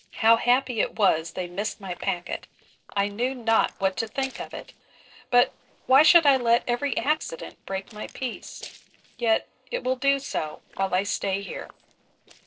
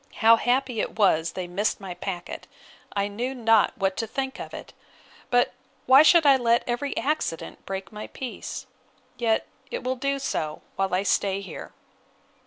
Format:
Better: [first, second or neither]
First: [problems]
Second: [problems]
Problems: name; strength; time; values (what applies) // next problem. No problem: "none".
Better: second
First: noise reduction (neural separator model SepFormer DNS4)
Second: none